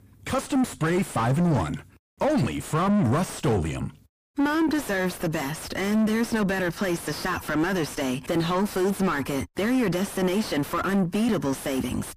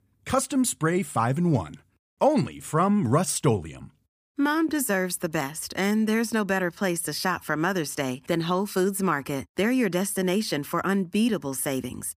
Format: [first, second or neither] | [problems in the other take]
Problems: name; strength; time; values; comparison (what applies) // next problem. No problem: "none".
second | distortion; heavy; 5 dB below the speech